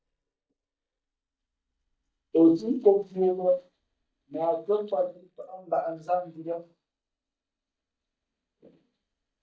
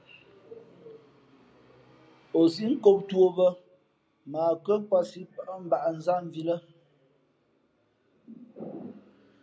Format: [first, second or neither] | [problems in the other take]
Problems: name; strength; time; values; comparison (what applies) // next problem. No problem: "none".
second | noise reduction (neural mask model DeepFilterNet 3)